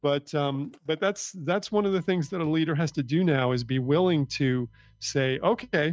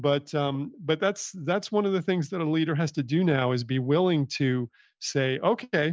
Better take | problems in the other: second | noise reduction (neural mask model DeepFilterNet 3)

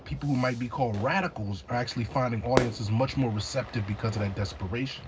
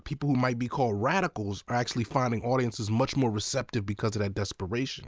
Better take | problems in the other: second | background sound (Fire / Fireworks); 10 dB below the speech // room echo; dies away in 0.4 s

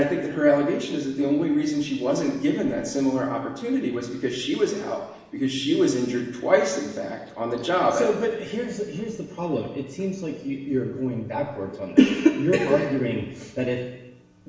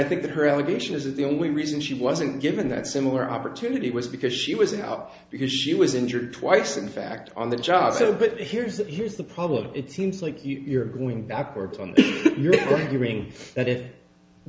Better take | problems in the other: second | room echo; dies away in 1 s

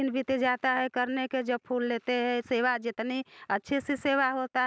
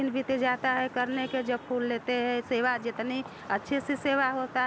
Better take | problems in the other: first | background sound (Traffic noise, roadway noise / Vehicle horn, car horn, honking); 16 dB below the speech

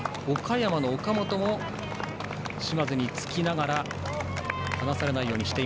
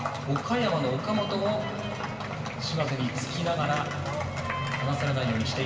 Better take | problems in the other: first | room echo; dies away in 2.4 s

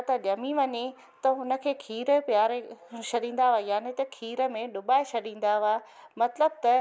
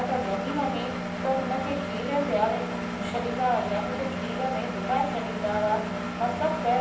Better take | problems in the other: first | background sound (Engine); 2 dB below the speech // room echo; dies away in 0.9 s

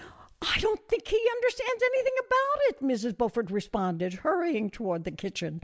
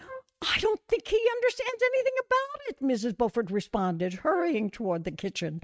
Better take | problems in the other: first | noise reduction (neural mask model RNNoise)

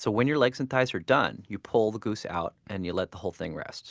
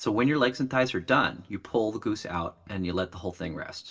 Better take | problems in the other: first | room echo; dies away in 0.2 s

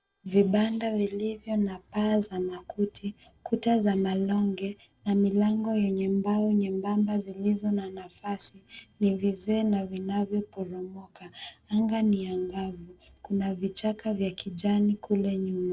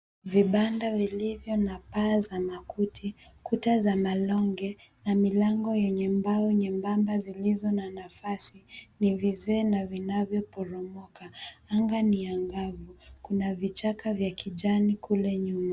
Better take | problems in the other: second | noise reduction (neural separator model SepFormer DNS4)

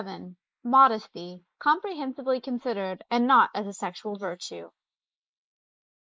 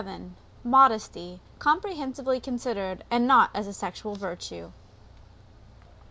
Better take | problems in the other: second | noise reduction (neural mask model Resemble Enhance denoiser)

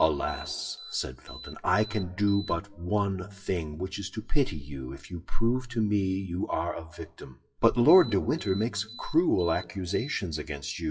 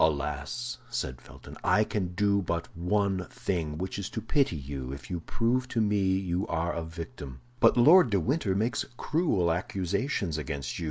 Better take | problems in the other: second | noise reduction (classical method WPE with log-MMSE)

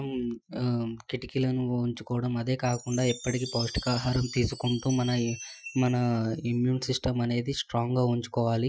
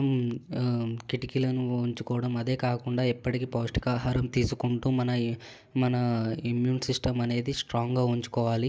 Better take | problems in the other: second | noise reduction (classical method Wiener filter)

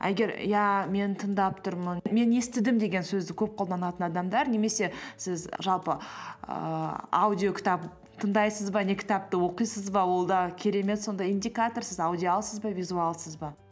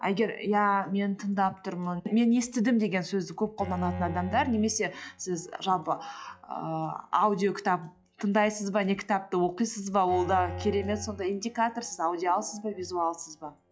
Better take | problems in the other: first | noise reduction (classical method log-MMSE)

